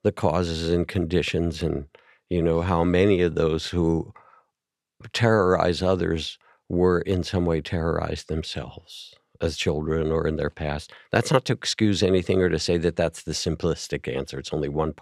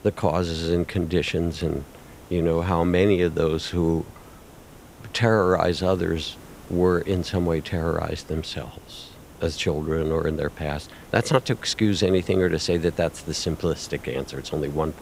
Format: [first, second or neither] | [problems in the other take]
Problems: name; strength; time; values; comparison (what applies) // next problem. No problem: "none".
first | hiss; faint; throughout; 20 dB below the speech